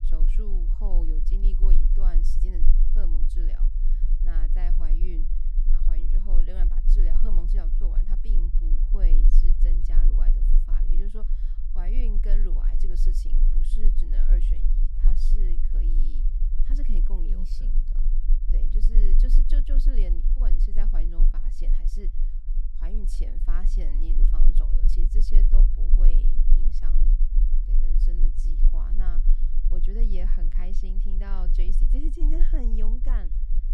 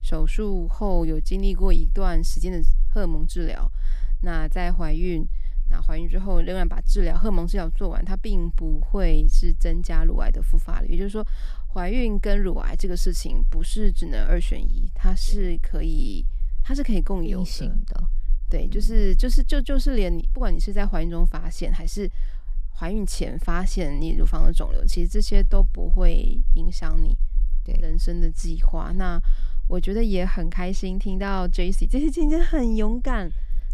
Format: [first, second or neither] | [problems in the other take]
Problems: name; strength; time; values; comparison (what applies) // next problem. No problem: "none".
second | low rumble; loud; throughout; 5 dB below the speech; faint in the second